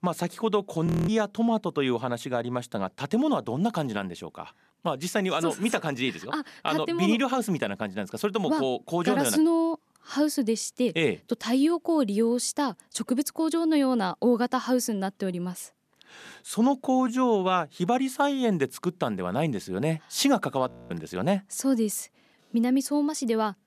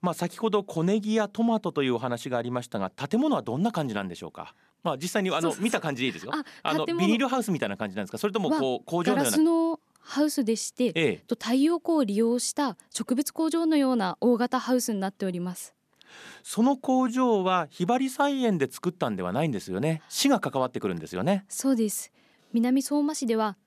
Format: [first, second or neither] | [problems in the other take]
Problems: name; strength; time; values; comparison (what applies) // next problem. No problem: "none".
second | audio freezing; at 1 s and at 21 s